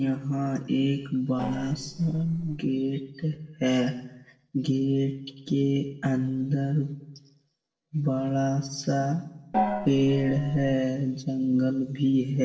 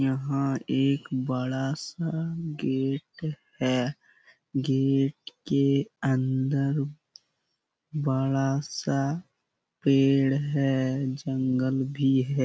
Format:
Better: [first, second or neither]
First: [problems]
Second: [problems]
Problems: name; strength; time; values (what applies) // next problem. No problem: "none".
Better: second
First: noise reduction (neural separator model SepFormer DNS4)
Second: none